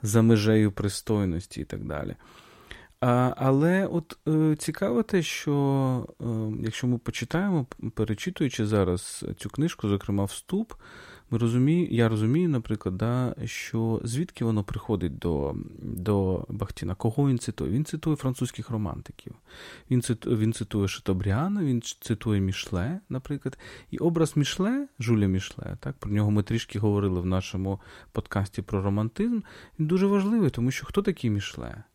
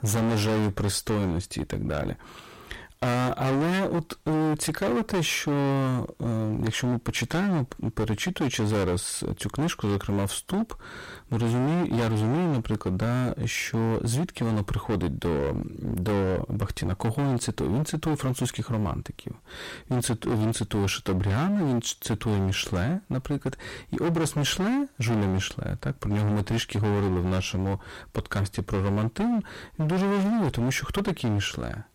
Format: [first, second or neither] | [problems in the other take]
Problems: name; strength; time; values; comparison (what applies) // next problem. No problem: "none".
first | distortion; heavy; 26% of the sound clipped